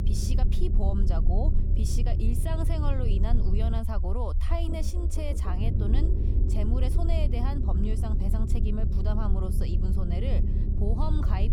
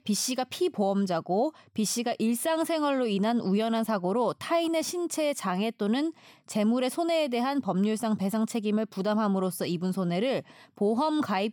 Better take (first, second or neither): second